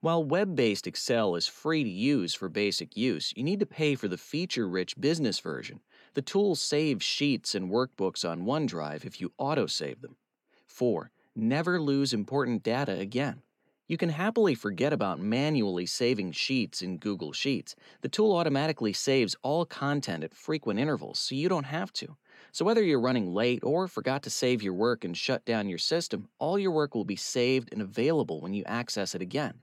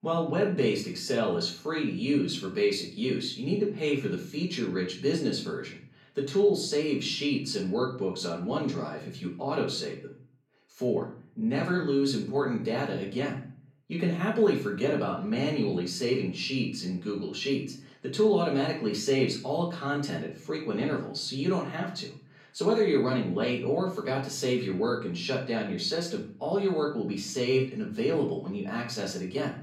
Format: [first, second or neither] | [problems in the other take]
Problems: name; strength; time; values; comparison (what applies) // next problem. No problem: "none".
first | off-mic speech; far // room echo; slight; dies away in 0.4 s